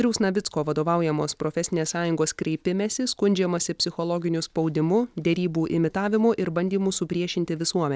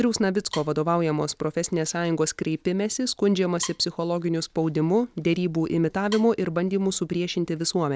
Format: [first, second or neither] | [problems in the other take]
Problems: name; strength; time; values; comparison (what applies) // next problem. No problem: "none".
first | background sound (Wood); 18 dB below the speech